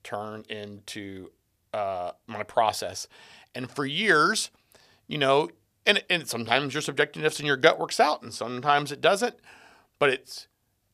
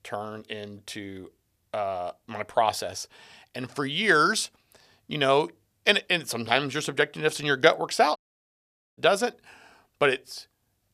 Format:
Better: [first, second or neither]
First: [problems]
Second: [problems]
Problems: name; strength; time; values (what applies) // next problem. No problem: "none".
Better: first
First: none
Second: audio cutting out; at 8 s for 1 s